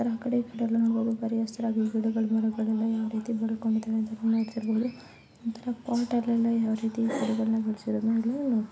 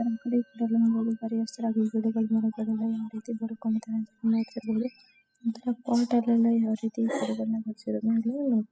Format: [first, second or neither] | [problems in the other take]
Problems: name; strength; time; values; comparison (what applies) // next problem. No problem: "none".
first | noise reduction (classical method spectral subtraction)